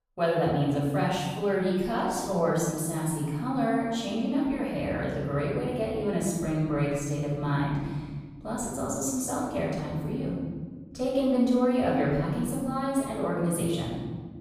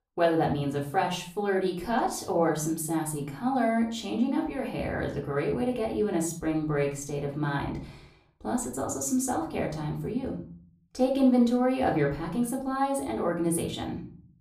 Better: second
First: room echo; strong; dies away in 1.6 s // off-mic speech; far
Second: room echo; slight; dies away in 0.4 s // off-mic speech; far

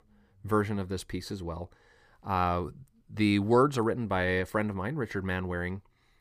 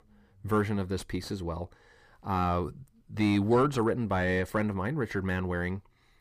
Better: first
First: none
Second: distortion; slight; 10 dB below the speech

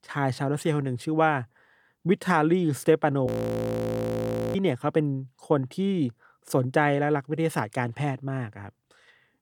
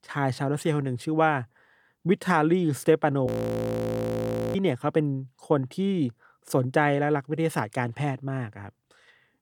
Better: neither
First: audio freezing; at 3.5 s for 1.5 s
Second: audio freezing; at 3.5 s for 1.5 s

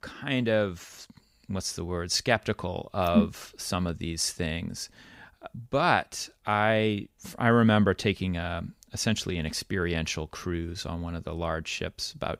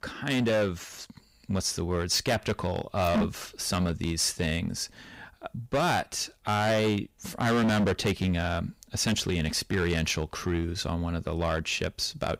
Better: first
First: none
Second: distortion; heavy; 11% of the sound clipped

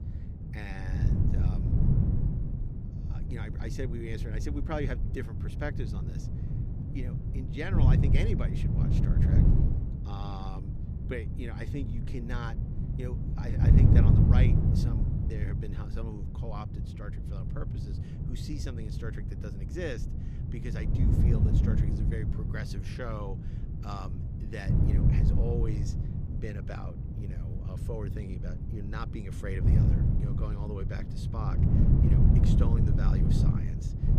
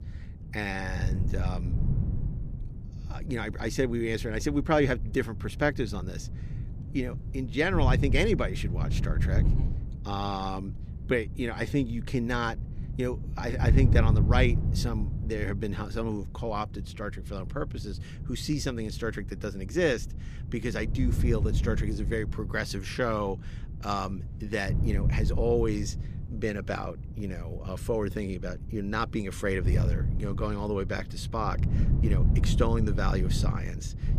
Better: second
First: wind noise on the microphone; heavy; 1 dB above the speech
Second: wind noise on the microphone; occasional gusts; 10 dB below the speech

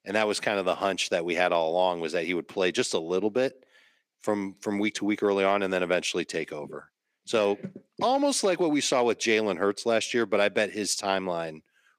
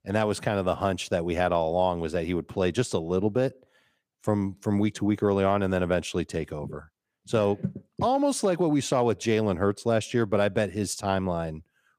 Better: second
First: thin; very slightly; fading below 300 Hz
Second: none

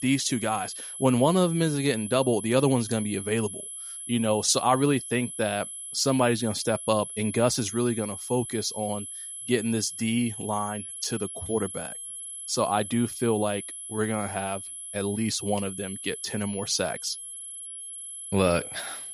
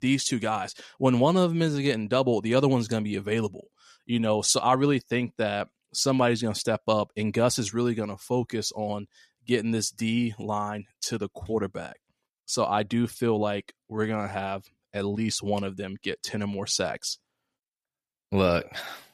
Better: second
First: high-pitched whine; loud; throughout; 11 kHz, 9 dB below the speech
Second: none

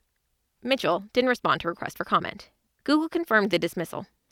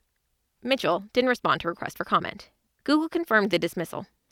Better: neither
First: none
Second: none

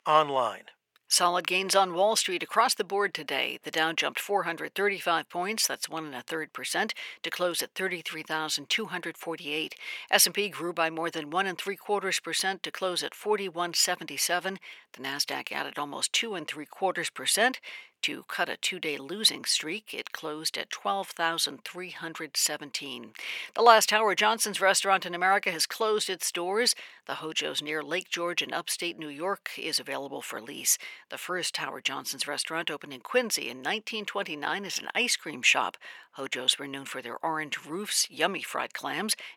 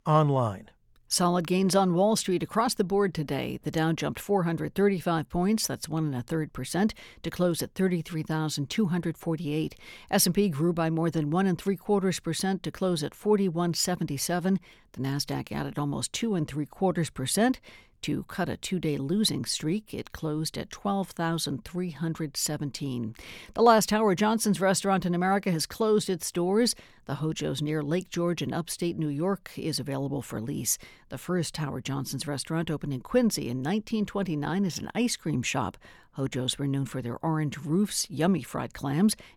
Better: second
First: thin; very; fading below 550 Hz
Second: none

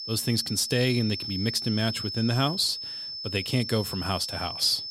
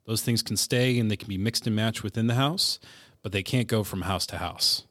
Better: second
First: high-pitched whine; loud; throughout; 5.5 kHz, 6 dB below the speech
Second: none

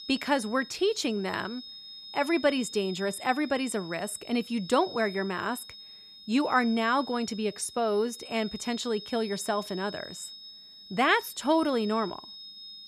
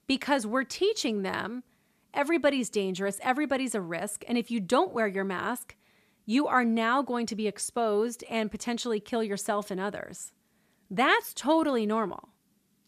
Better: second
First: high-pitched whine; noticeable; throughout; 5 kHz, 15 dB below the speech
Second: none

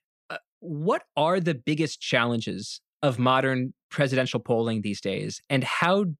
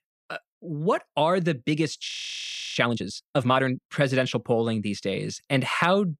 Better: first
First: none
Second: audio freezing; at 2 s for 0.5 s

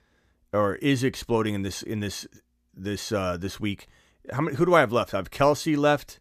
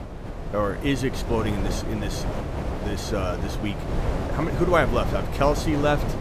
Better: first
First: none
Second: wind noise on the microphone; heavy; 7 dB below the speech

